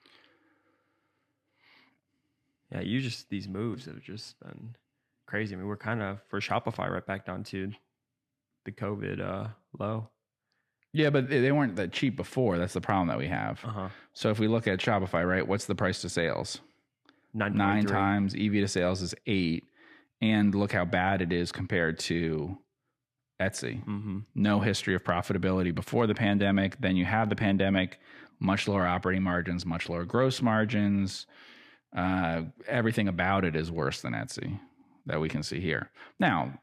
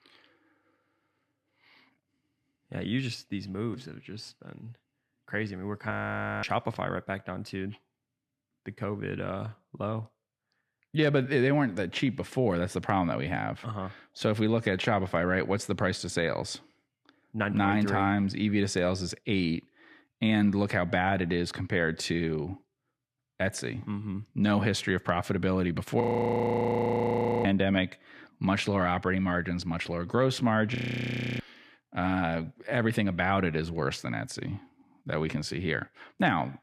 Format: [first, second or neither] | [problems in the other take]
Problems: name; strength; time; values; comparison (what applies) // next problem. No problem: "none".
first | audio freezing; at 6 s for 0.5 s, at 26 s for 1.5 s and at 31 s for 0.5 s